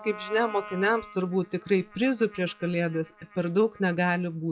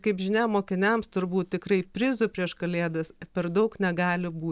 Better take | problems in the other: second | noise reduction (classical method log-MMSE)

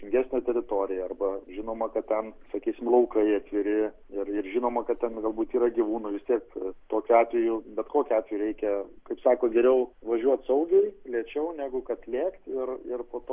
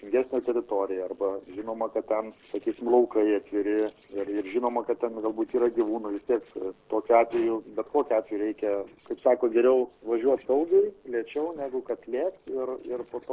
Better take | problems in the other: first | noise reduction (neural separator model SepFormer DNS4)

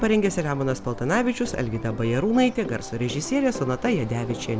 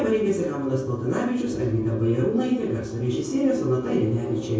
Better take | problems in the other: first | room echo; dies away in 0.6 s

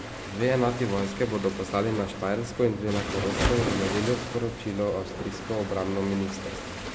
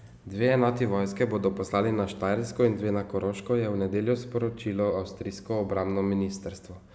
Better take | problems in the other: second | background sound (Waves, surf); 5 dB below the speech

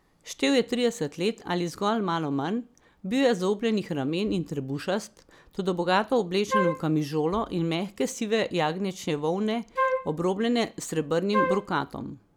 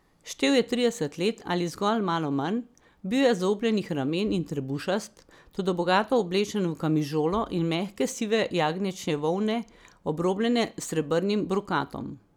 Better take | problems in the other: second | background sound (Wind instrument, woodwind instrument); 2 dB below the speech

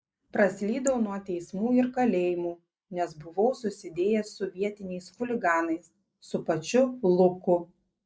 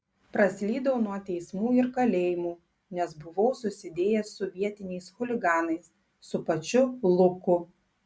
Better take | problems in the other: second | noise reduction (neural mask model Resemble Enhance denoiser)

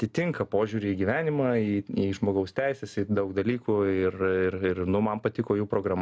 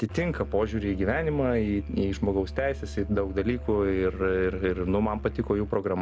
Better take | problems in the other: first | background sound (Musical instrument); 10 dB below the speech

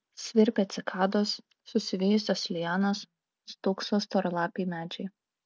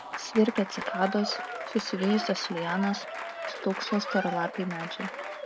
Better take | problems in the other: first | background sound (Applause / Crowd); 6 dB below the speech

